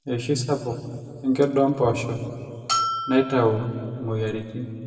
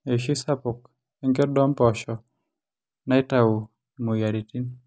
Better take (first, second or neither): second